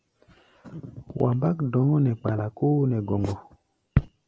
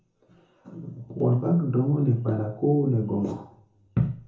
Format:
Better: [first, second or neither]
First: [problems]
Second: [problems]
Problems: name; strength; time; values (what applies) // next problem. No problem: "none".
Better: first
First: none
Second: room echo; dies away in 0.6 s